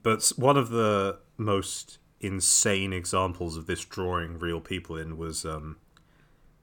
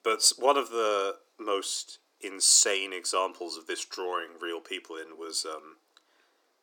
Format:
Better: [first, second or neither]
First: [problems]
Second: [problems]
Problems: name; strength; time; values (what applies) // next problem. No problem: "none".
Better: first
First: none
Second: thin; very; fading below 300 Hz